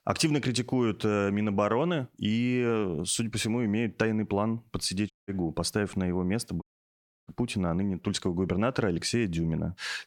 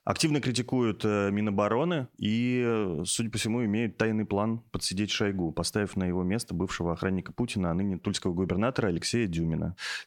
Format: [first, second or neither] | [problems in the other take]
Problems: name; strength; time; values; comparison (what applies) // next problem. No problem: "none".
second | audio cutting out; at 5 s and at 6.5 s for 0.5 s